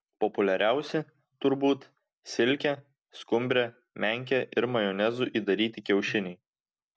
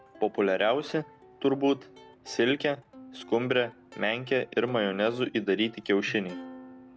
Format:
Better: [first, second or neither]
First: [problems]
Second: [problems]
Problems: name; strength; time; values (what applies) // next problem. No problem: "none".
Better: first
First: none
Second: background sound (Plucked string instrument); 20 dB below the speech